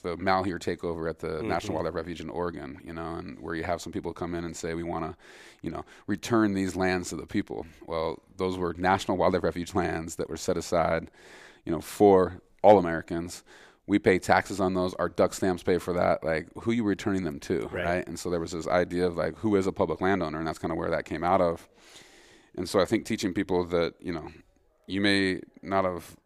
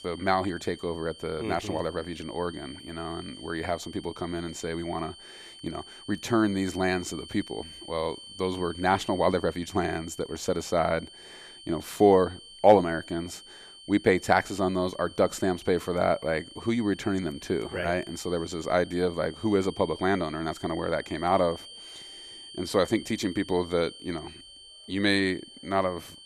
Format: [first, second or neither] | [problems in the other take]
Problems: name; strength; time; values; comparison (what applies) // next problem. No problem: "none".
first | high-pitched whine; noticeable; throughout; 3 kHz, 15 dB below the speech